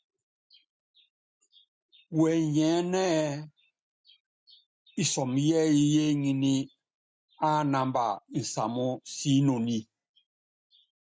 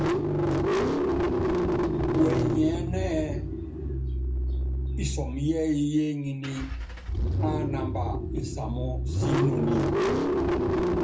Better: first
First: none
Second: background sound (Engine starting / Car); 5 dB above the speech // room echo; dies away in 0.3 s

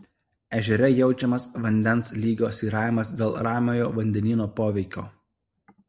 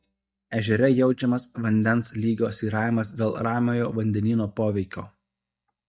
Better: first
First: none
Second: noise reduction (neural mask model DeepFilterNet 3)

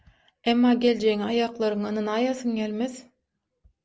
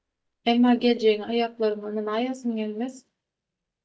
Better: first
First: none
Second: noise reduction (neural mask model DeepFilterNet 3)

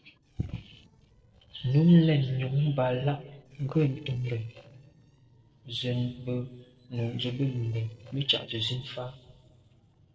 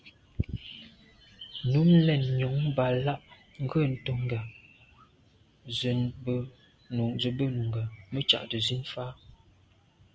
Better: second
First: noise reduction (neural separator model SepFormer DNS4)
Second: none

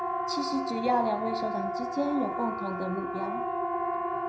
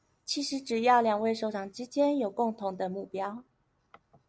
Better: second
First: background sound (Siren); 1 dB above the speech // room echo; dies away in 0.5 s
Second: none

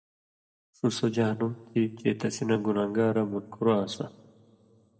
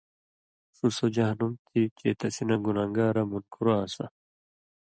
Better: second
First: room echo; dies away in 0.9 s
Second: none

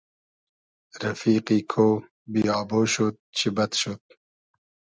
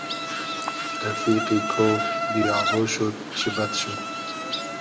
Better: first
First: none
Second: background sound (Insect); 1 dB below the speech // room echo; dies away in 0.7 s

